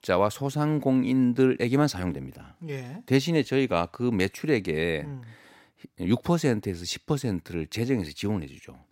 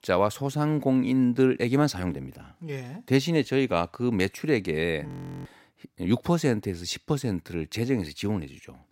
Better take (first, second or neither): first